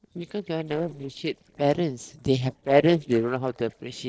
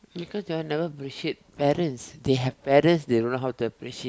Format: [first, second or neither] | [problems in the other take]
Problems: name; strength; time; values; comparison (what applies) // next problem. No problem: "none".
second | noise reduction (neural separator model SepFormer DNS4)